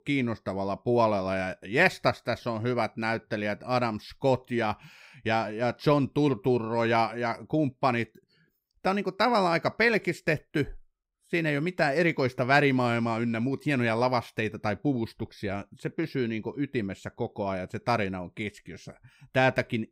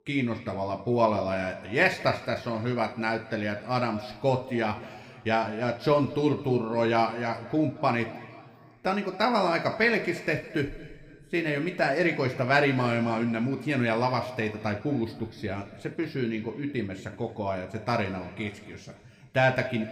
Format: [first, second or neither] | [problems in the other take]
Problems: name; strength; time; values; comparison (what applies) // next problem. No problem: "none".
first | room echo; slight; dies away in 1.7 s